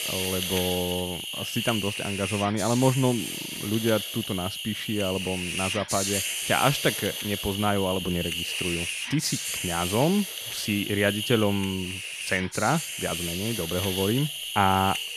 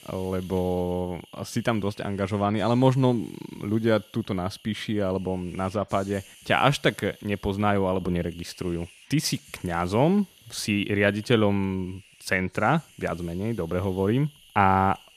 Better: second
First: hiss; loud; throughout; 3 dB below the speech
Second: hiss; faint; throughout; 25 dB below the speech

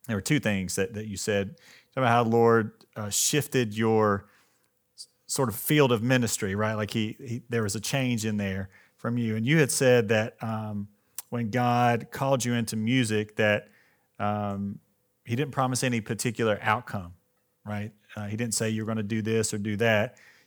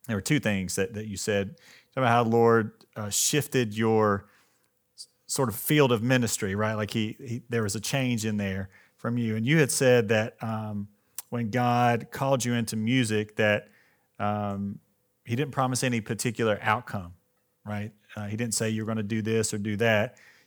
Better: neither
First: none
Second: none

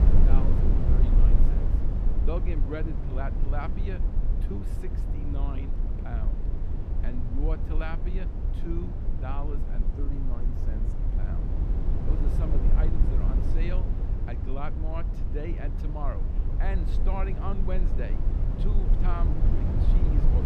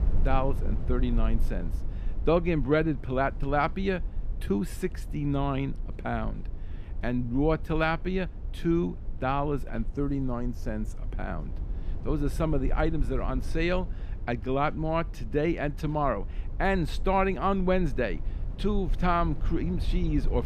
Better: second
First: low rumble; loud; throughout; 2 dB below the speech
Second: low rumble; faint; throughout; 20 dB below the speech

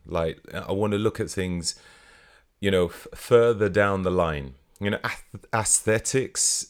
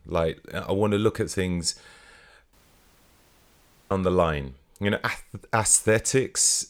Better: first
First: none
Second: audio cutting out; at 2.5 s for 1.5 s

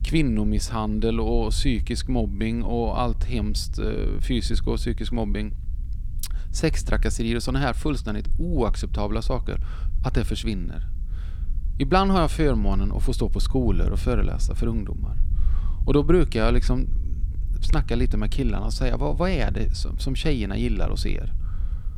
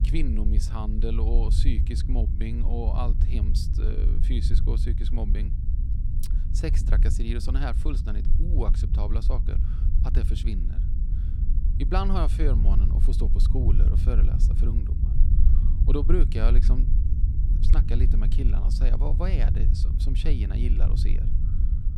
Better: first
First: low rumble; faint; throughout; 20 dB below the speech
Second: low rumble; loud; throughout; 6 dB below the speech

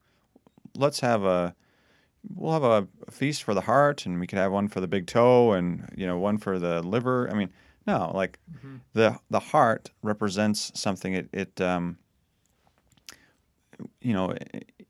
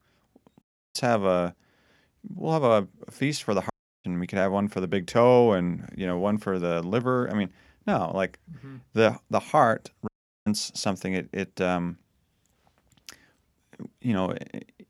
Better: first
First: none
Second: audio cutting out; at 0.5 s, at 3.5 s and at 10 s

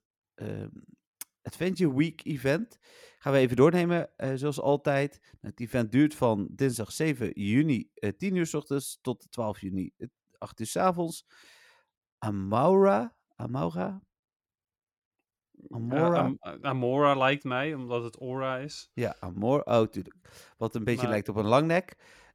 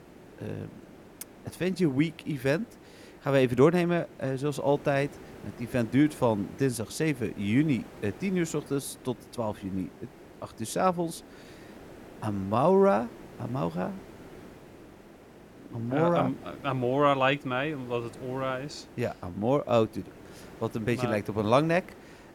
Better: first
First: none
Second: hiss; faint; throughout; 20 dB below the speech

